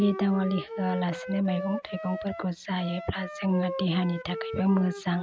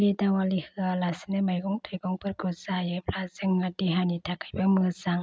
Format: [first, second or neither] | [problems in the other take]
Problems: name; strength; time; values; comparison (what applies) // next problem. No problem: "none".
second | background sound (Wind instrument, woodwind instrument); 9 dB below the speech